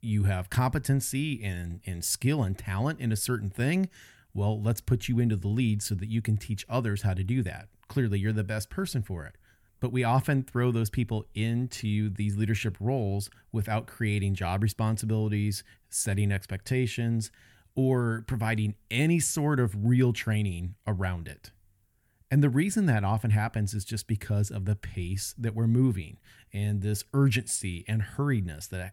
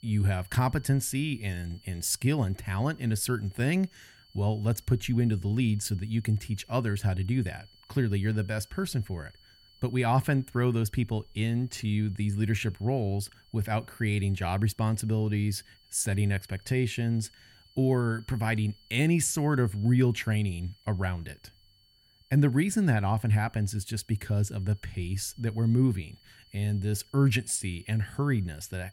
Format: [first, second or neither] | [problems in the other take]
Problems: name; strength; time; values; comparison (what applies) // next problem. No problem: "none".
first | high-pitched whine; faint; throughout; 4.5 kHz, 30 dB below the speech